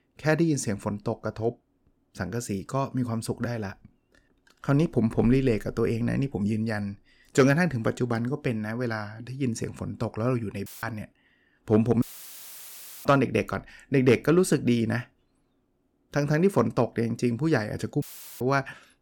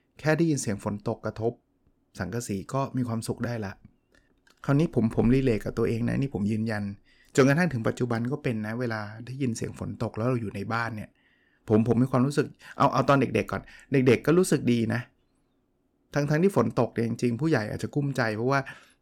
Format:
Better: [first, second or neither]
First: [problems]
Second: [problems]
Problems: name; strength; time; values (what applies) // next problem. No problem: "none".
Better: second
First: audio cutting out; filled with static; at 11 s, at 12 s for 1 s and at 18 s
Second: none